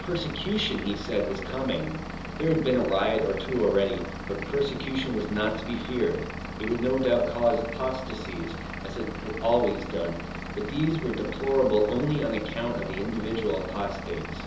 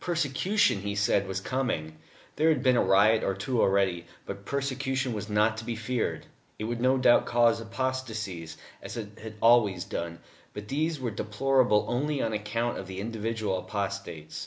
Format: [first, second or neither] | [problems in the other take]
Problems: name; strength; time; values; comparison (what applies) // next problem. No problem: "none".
second | background sound (Engine / Vehicle); 8 dB below the speech // room echo; dies away in 1.2 s